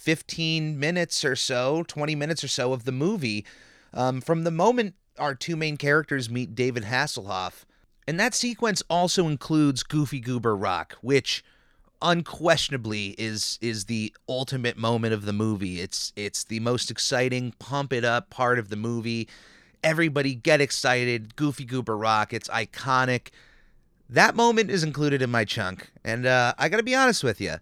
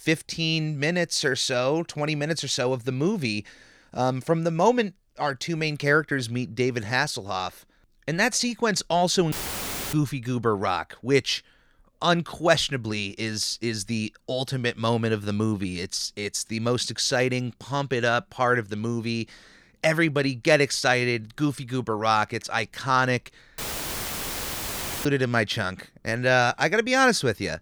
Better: first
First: none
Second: audio cutting out; filled with static; at 9.5 s for 0.5 s and at 24 s for 1.5 s

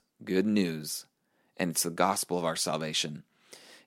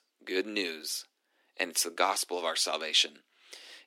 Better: first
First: none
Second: thin; somewhat; fading below 300 Hz

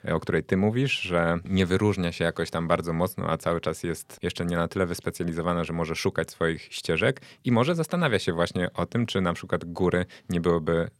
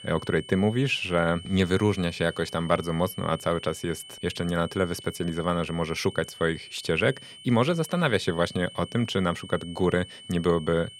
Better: first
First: none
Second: high-pitched whine; noticeable; throughout; 3 kHz, 15 dB below the speech

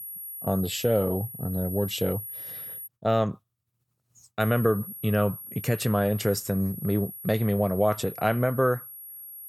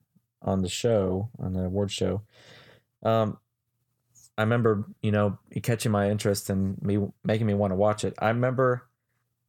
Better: second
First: high-pitched whine; noticeable; until 3 s and from 4.5 s on; 11.5 kHz, 10 dB below the speech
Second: none

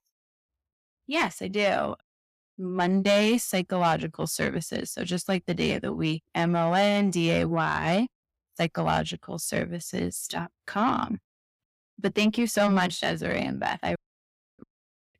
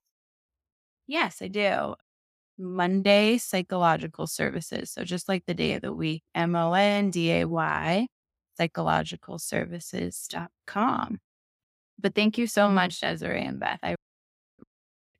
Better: second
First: distortion; slight; 10 dB below the speech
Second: none

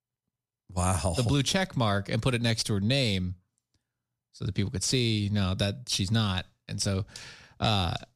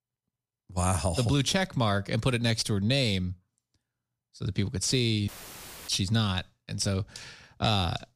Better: first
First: none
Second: audio cutting out; filled with static; at 5.5 s for 0.5 s

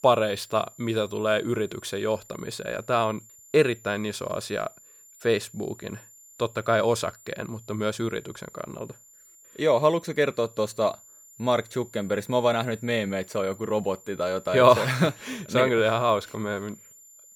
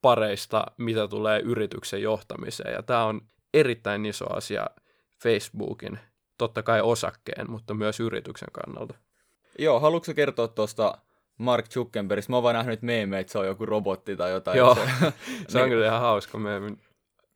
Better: second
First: high-pitched whine; faint; throughout; 7 kHz, 25 dB below the speech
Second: none

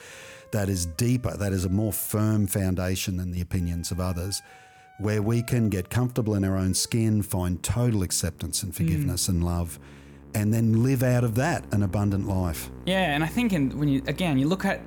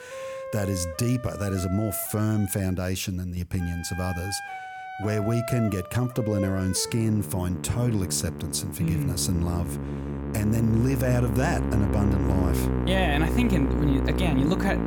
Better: first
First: background music; faint; throughout; 20 dB below the speech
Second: background music; loud; throughout; 4 dB below the speech

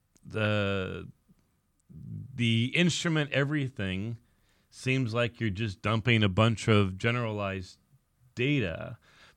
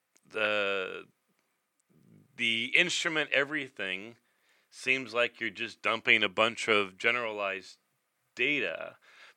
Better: first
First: none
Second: thin; very; fading below 450 Hz

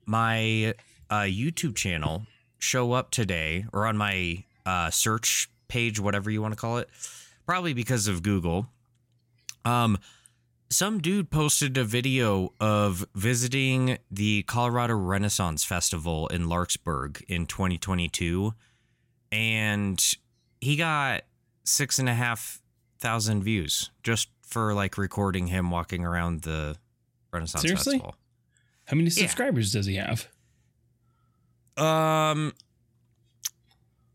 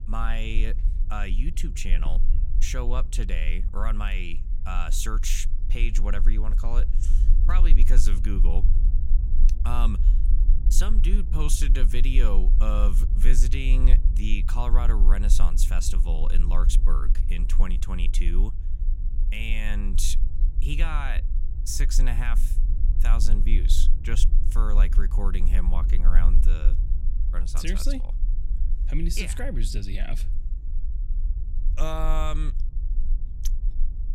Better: first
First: none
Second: low rumble; noticeable; throughout; 15 dB below the speech

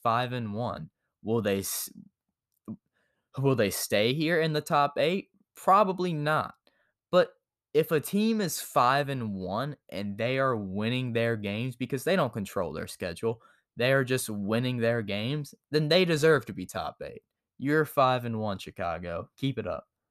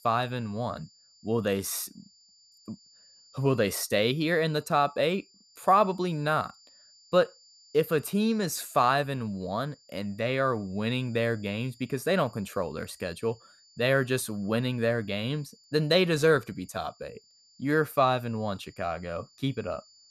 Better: first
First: none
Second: high-pitched whine; faint; throughout; 4.5 kHz, 30 dB below the speech

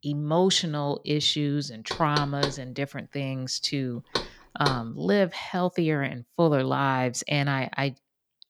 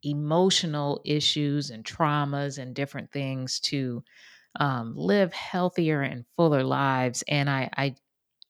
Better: second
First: door banging; noticeable; from 2 to 5 s; peak 3 dB below the speech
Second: none

